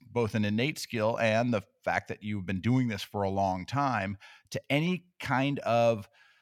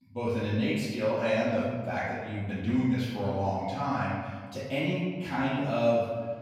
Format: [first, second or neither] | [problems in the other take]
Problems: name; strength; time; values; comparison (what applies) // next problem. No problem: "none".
first | off-mic speech; far // room echo; strong; dies away in 1.4 s